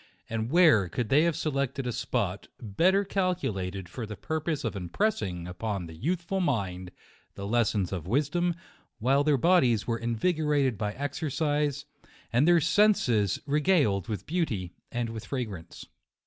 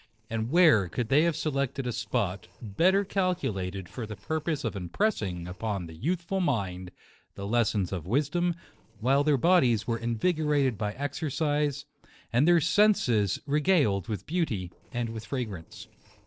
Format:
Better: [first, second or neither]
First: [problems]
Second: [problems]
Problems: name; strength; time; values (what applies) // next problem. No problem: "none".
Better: first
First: none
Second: noise reduction (neural separator model SepFormer DNS4)